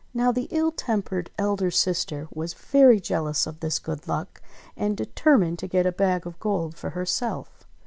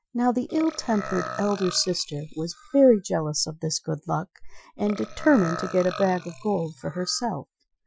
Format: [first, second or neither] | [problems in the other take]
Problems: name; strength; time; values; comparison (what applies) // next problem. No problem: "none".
first | noise reduction (classical method Wiener filter)